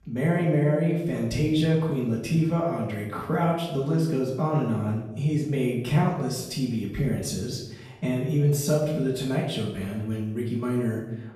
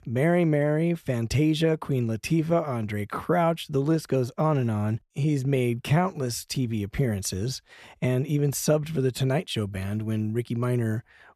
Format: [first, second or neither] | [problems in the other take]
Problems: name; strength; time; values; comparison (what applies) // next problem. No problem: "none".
second | off-mic speech; far // room echo; noticeable; dies away in 0.8 s